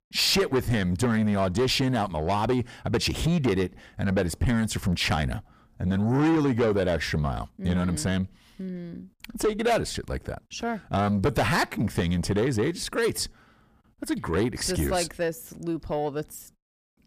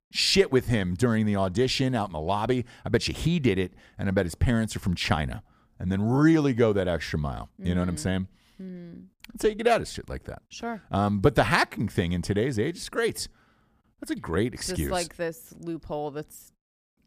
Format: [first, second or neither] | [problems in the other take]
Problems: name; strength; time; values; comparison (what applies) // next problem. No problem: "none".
second | distortion; heavy; 8 dB below the speech